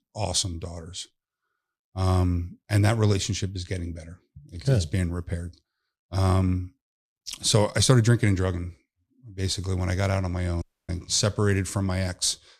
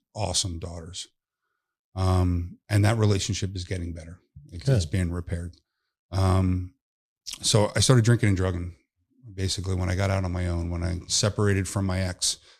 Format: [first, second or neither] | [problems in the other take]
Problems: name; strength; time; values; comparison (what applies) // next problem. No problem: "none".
second | audio cutting out; at 11 s